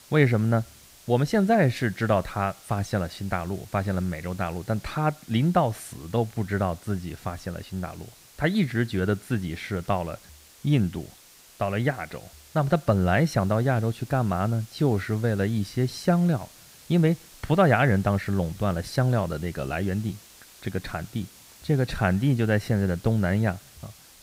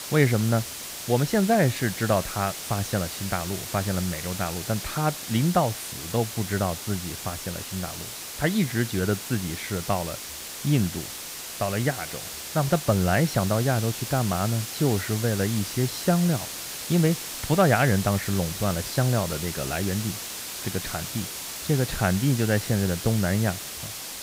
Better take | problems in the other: first | hiss; loud; throughout; 7 dB below the speech; faint in the first

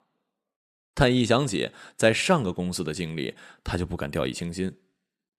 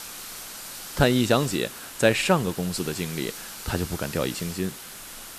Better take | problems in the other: first | hiss; noticeable; throughout; 10 dB below the speech

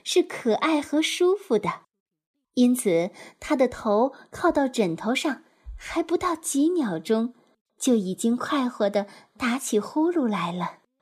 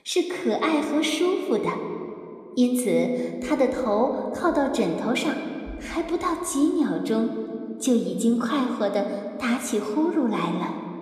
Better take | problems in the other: first | room echo; slight; dies away in 1.9 s

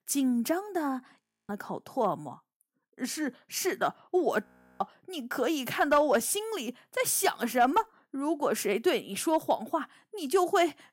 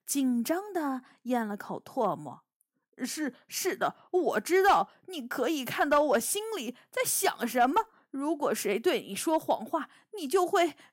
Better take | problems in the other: second | audio freezing; at 1 s and at 4.5 s

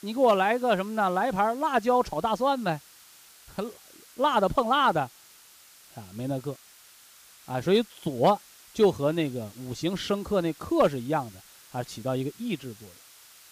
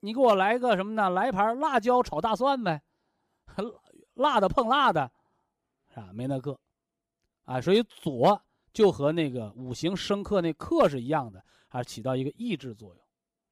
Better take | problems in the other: second | hiss; faint; throughout; 25 dB below the speech

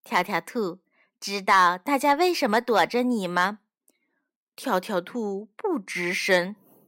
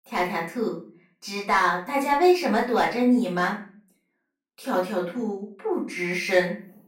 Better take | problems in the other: first | off-mic speech; far // room echo; slight; dies away in 0.4 s

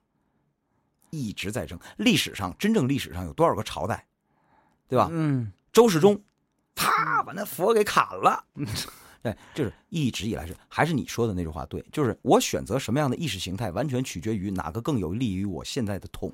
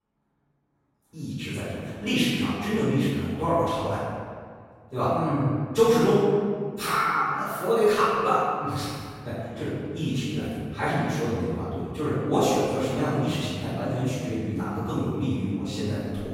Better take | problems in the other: first | off-mic speech; far // room echo; strong; dies away in 1.7 s

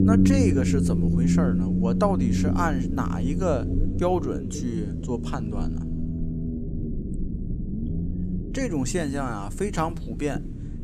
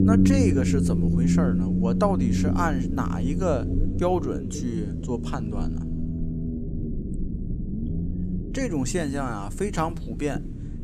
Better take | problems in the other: neither | low rumble; loud; throughout; 4 dB below the speech; the same in both

